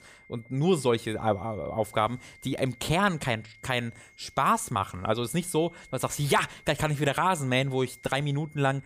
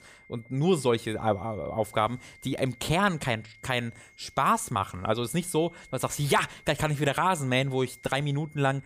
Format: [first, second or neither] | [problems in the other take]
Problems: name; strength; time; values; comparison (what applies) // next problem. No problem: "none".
neither | high-pitched whine; faint; throughout; 2 kHz, 25 dB below the speech; the same in both